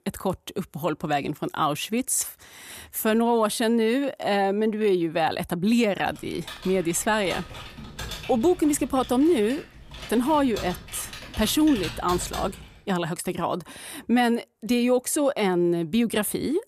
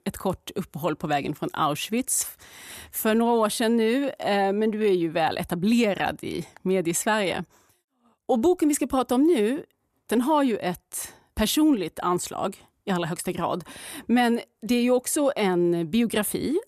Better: second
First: keyboard typing; noticeable; from 6 to 13 s; peak 9 dB below the speech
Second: none

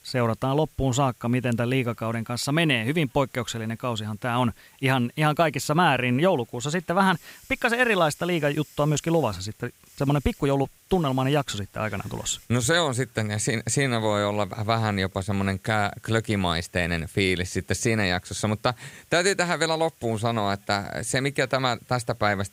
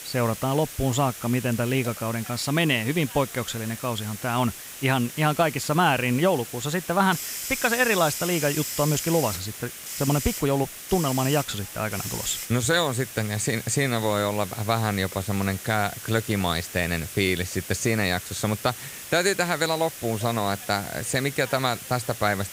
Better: first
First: hiss; faint; throughout; 30 dB below the speech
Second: hiss; loud; throughout; 9 dB below the speech

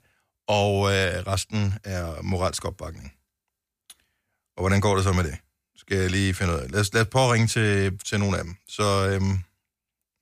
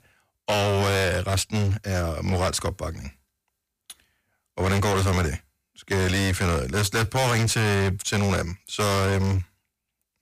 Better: first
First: none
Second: distortion; heavy; 22% of the sound clipped

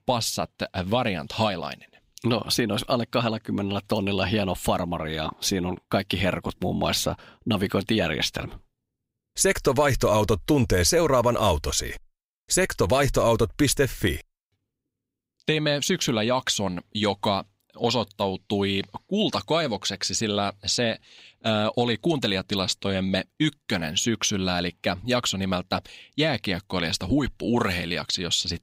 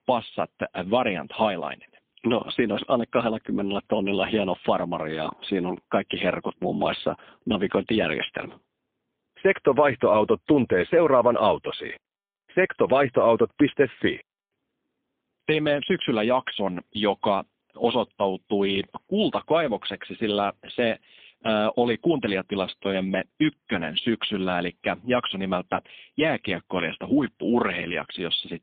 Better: first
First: none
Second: phone-call audio; poor line

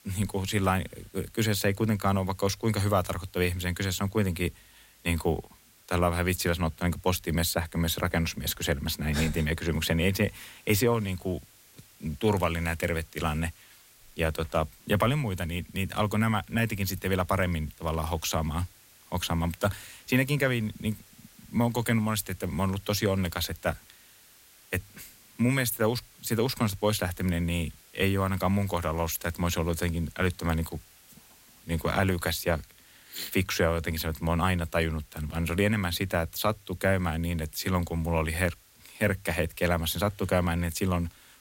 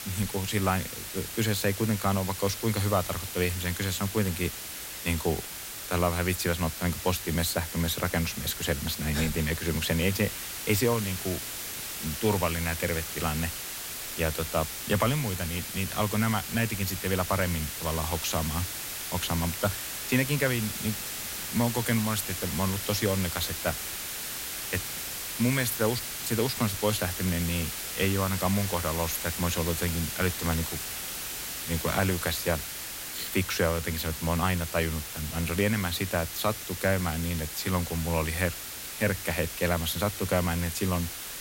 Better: first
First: hiss; faint; throughout; 25 dB below the speech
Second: hiss; loud; throughout; 5 dB below the speech

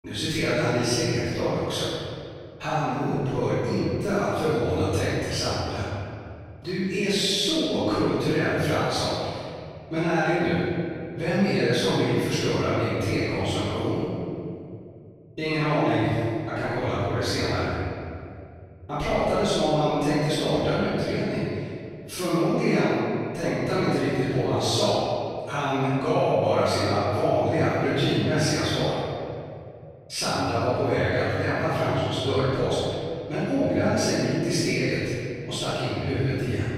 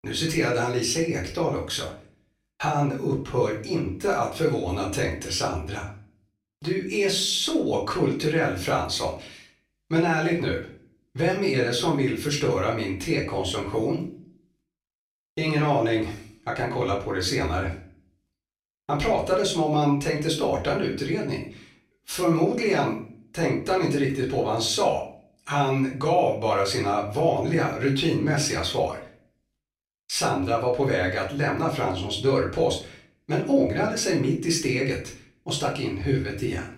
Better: second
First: room echo; strong; dies away in 2.4 s // off-mic speech; far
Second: room echo; slight; dies away in 0.4 s // off-mic speech; far

